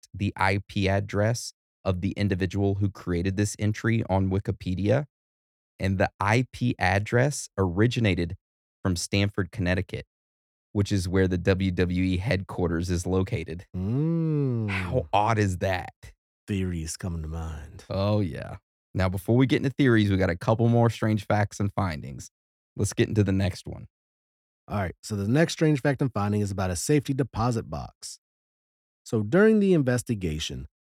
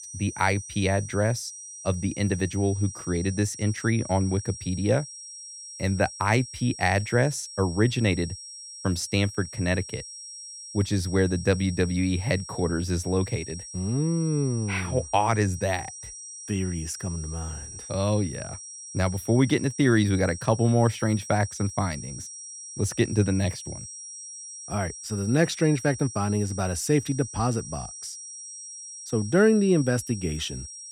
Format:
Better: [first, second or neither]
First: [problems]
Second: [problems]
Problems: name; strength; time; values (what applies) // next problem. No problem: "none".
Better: first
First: none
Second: high-pitched whine; noticeable; throughout; 5.5 kHz, 10 dB below the speech